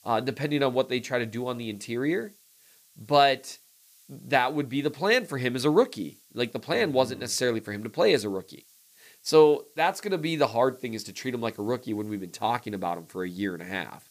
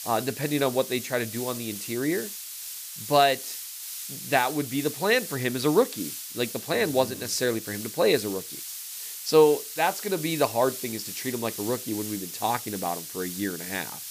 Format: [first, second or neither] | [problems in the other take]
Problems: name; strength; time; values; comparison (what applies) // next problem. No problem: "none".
first | hiss; loud; throughout; 8 dB below the speech; faint in the first